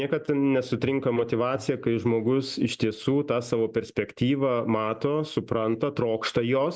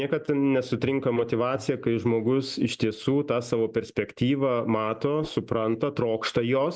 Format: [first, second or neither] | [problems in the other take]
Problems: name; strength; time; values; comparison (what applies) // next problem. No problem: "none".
first | background sound (Whoosh, swoosh, swish); 18 dB below the speech